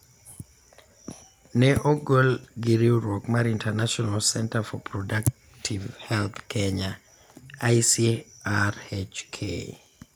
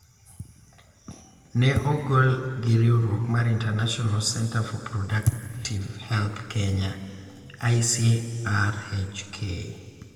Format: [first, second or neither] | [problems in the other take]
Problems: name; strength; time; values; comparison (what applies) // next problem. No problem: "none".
first | room echo; dies away in 2.1 s